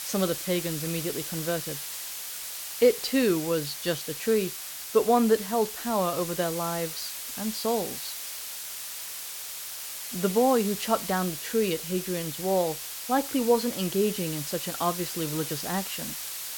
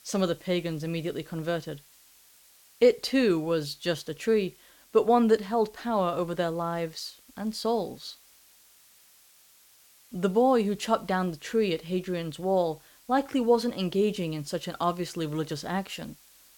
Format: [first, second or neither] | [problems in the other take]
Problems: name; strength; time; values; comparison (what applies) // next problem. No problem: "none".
second | hiss; loud; throughout; 6 dB below the speech; faint in the second